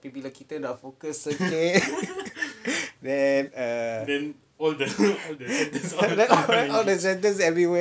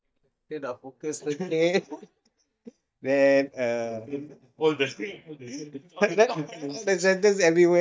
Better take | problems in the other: first | noise reduction (neural mask model DeepFilterNet 3)

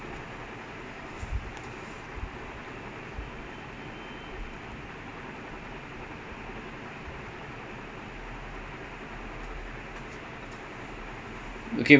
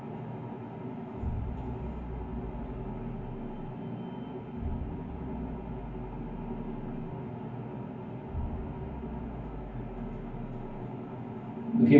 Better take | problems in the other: first | background sound (Explosion); 9 dB below the speech // room echo; dies away in 0.9 s

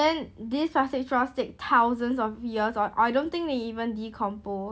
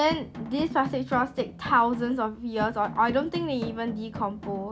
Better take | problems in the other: first | background sound (Drum); 10 dB below the speech

